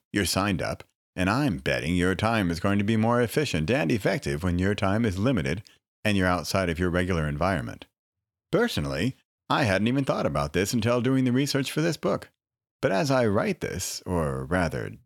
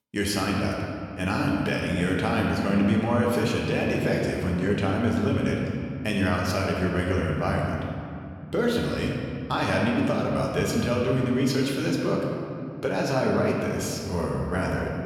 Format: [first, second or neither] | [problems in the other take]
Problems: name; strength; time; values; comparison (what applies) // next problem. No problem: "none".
first | room echo; noticeable; dies away in 2.3 s // off-mic speech; somewhat distant